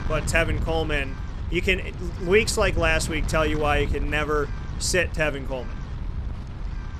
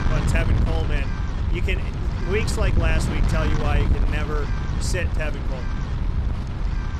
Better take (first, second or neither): first